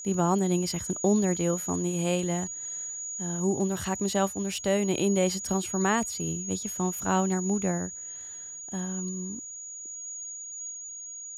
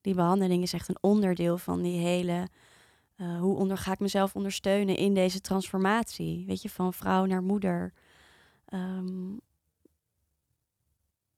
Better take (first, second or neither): second